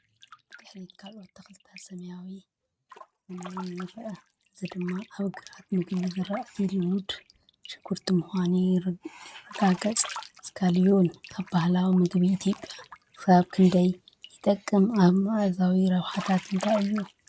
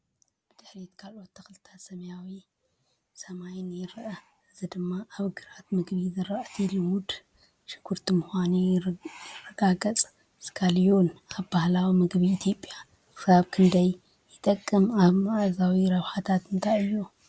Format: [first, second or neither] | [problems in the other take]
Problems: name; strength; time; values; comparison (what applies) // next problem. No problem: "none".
second | noise reduction (neural mask model RNNoise)